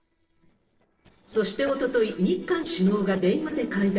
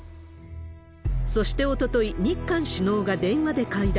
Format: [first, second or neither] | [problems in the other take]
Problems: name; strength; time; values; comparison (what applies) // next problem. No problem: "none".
second | noise reduction (neural separator model SepFormer DNS4)